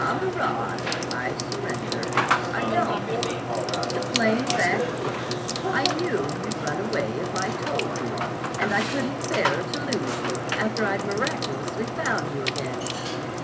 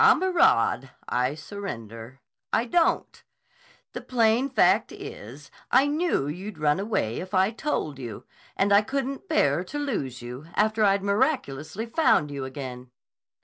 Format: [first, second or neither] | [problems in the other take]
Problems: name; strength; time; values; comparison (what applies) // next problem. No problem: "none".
second | background sound (Sink (filling or washing) / Water tap, faucet / Water); 2 dB above the speech // room echo; dies away in 0.3 s